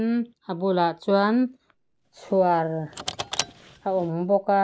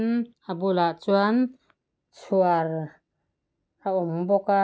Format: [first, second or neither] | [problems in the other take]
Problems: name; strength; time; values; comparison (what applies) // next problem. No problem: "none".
second | background sound (Car); 13 dB below the speech